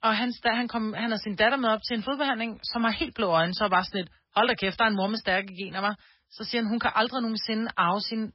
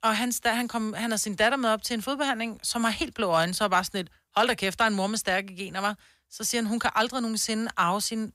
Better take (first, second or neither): second